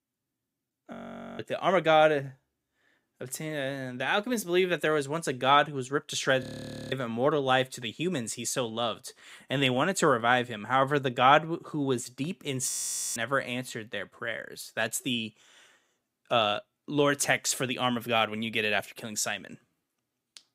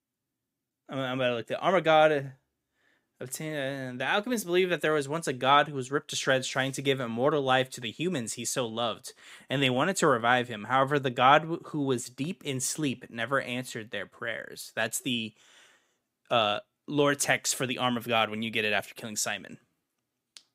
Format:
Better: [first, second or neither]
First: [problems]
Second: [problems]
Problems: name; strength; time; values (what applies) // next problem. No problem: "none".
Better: second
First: audio freezing; at 1 s, at 6.5 s and at 13 s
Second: none